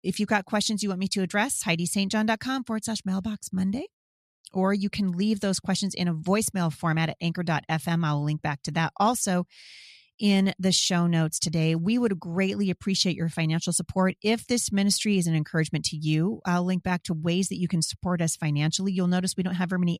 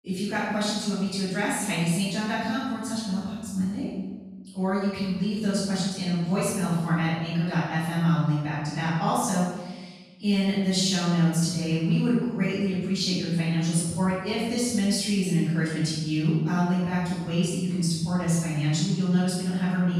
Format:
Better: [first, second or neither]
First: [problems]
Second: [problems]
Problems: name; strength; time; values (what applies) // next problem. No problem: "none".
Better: first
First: none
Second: off-mic speech; far // room echo; strong; dies away in 1.1 s